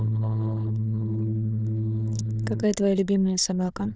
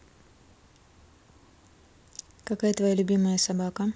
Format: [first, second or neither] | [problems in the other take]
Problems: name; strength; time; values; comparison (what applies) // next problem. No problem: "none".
second | noise reduction (neural diffusion model UNIVERSE++)